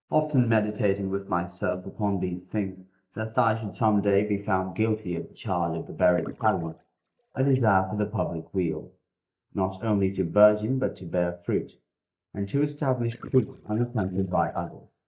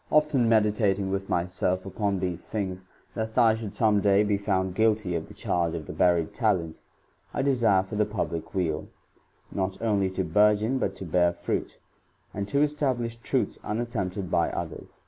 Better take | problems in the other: second | noise reduction (neural mask model DeepFilterNet 3)

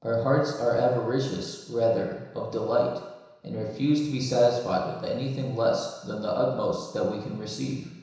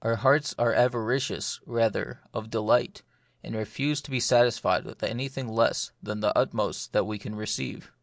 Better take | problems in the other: second | room echo; dies away in 1 s

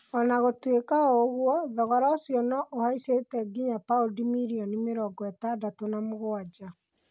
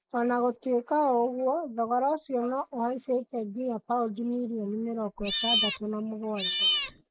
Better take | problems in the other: first | noise reduction (neural mask model Resemble Enhance denoiser)

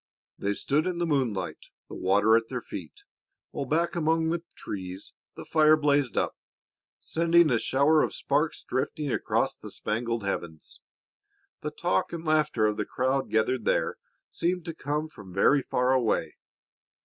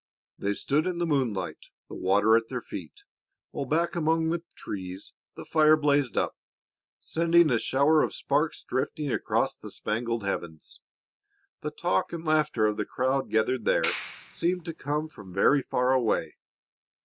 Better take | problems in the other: first | background sound (Clapping); 11 dB below the speech

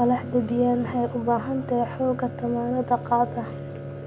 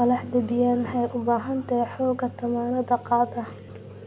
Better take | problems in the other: second | background sound (Bowed string instrument); 12 dB below the speech

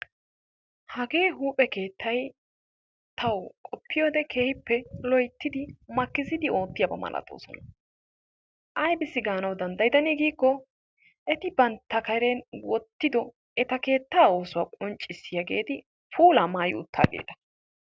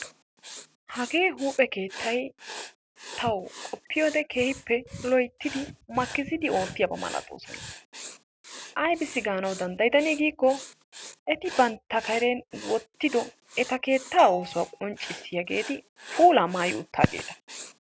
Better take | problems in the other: first | background sound (Writing + Bell); 15 dB below the speech

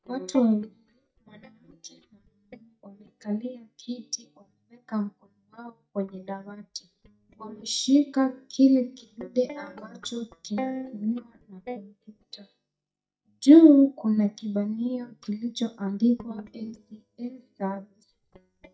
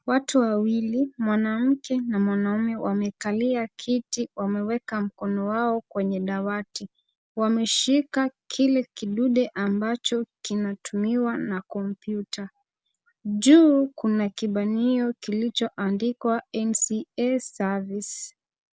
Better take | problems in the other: second | noise reduction (neural mask model DeepFilterNet 3)

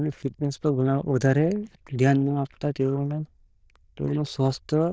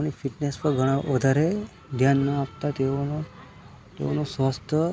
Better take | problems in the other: second | noise reduction (neural diffusion model UNIVERSE++)

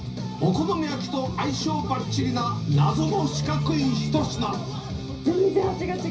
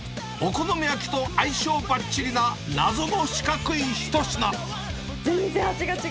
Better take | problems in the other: second | room echo; dies away in 0.5 s

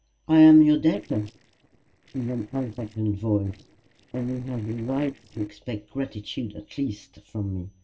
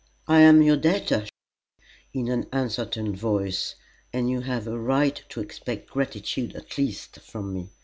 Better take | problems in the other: second | noise reduction (neural separator model SepFormer DNS4)

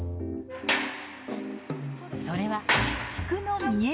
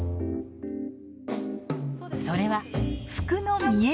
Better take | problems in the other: second | background sound (Sliding door); 3 dB below the speech

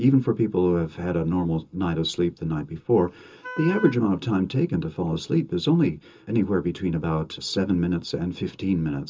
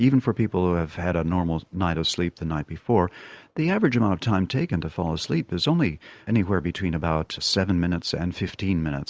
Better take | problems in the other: second | background sound (Wind instrument, woodwind instrument); 15 dB below the speech // room echo; dies away in 0.2 s

